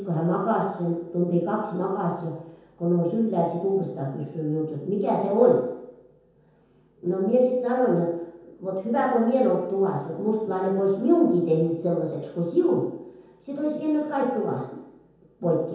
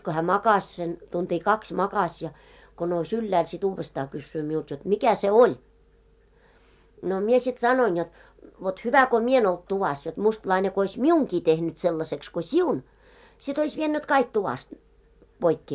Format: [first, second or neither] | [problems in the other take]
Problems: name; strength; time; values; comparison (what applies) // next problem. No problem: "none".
second | room echo; dies away in 0.9 s